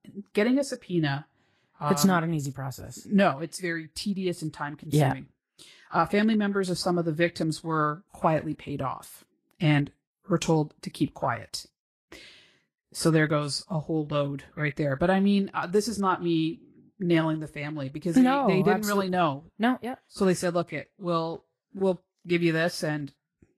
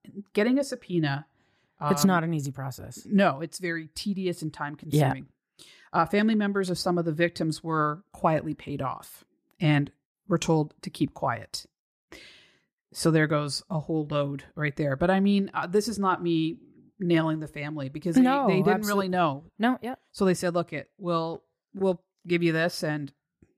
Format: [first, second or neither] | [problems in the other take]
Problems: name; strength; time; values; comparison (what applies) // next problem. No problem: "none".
second | garbled, watery; slightly; nothing above 12.5 kHz